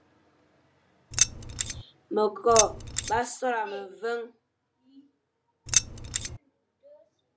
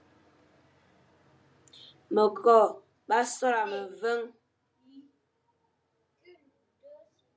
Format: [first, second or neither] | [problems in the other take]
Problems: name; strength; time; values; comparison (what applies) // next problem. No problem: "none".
second | background sound (Keys jangling); 4 dB above the speech